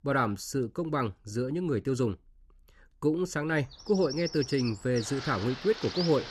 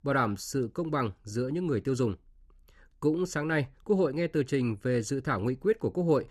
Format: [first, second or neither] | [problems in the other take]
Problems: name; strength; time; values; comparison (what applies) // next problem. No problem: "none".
second | animal sounds; loud; from 3.5 s on; 9 dB below the speech